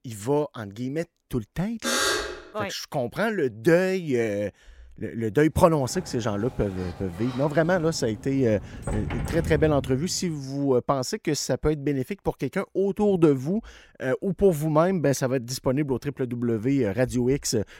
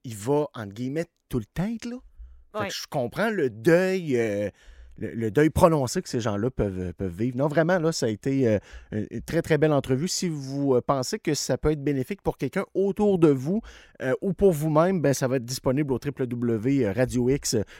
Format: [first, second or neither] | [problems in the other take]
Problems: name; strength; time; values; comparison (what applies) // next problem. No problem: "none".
second | alarm; loud; at 2 s; peak 2 dB above the speech // door banging; noticeable; from 6 to 10 s; peak 5 dB below the speech